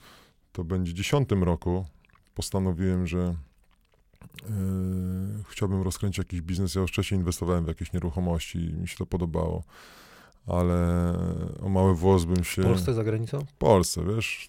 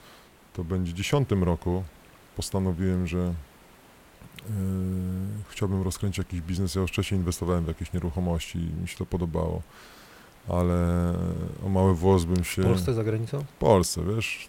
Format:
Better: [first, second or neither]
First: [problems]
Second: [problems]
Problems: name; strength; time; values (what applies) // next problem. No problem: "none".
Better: first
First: none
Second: hiss; faint; throughout; 25 dB below the speech